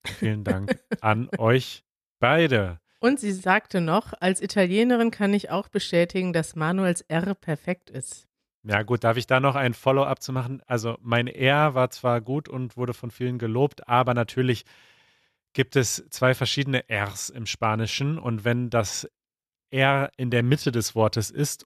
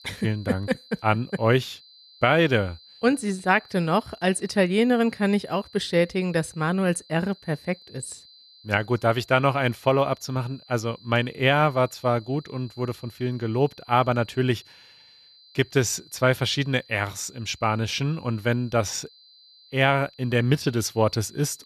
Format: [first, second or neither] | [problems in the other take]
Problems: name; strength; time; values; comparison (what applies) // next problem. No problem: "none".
first | high-pitched whine; faint; throughout; 4 kHz, 25 dB below the speech